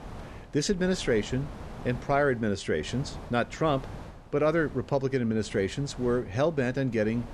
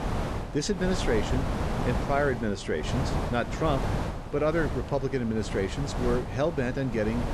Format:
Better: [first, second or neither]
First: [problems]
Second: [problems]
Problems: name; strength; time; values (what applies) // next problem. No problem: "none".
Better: first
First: wind noise on the microphone; occasional gusts; 20 dB below the speech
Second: wind noise on the microphone; heavy; 5 dB below the speech